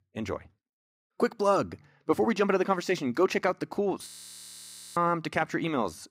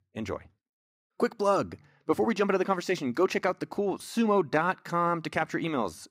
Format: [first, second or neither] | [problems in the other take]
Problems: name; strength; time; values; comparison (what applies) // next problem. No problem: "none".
second | audio freezing; at 4 s for 1 s